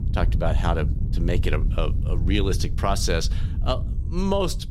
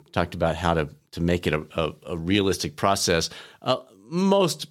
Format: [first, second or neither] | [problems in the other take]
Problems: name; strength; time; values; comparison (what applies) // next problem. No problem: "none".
second | wind noise on the microphone; occasional gusts; 15 dB below the speech